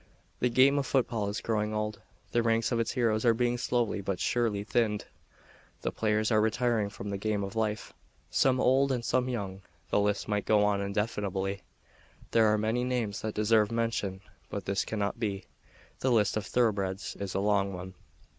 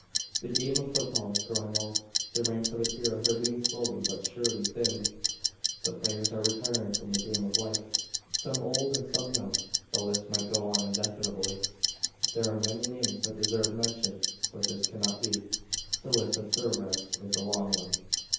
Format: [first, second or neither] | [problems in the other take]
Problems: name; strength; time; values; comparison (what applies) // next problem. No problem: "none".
first | background sound (Clock); 2 dB above the speech // room echo; dies away in 0.9 s